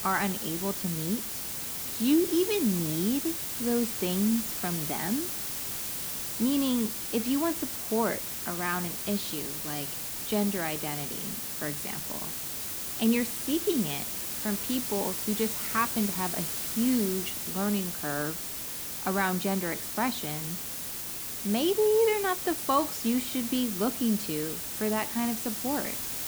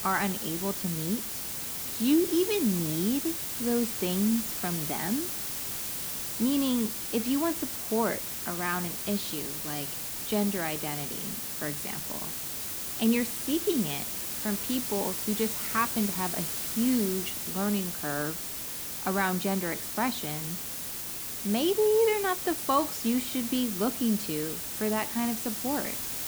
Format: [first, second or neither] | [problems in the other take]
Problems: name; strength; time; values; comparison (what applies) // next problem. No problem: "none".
neither | hiss; loud; throughout; 2 dB below the speech; the same in both